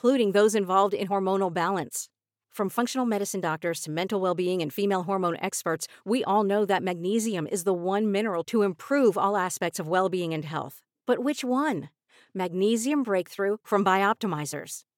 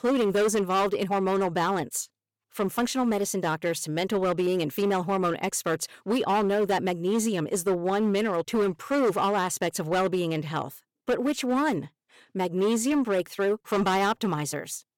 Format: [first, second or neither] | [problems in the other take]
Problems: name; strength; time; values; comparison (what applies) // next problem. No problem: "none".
first | distortion; slight; 11% of the sound clipped